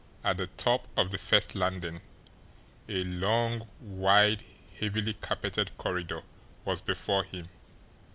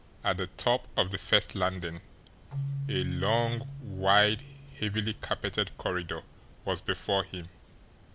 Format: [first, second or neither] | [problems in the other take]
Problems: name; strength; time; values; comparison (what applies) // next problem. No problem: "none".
first | background sound (Keyboard (musical)); 11 dB below the speech